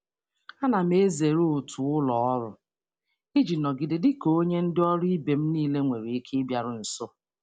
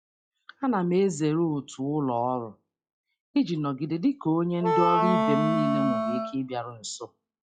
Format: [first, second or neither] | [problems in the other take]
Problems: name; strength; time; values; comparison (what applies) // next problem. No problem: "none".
first | noise reduction (classical method log-MMSE)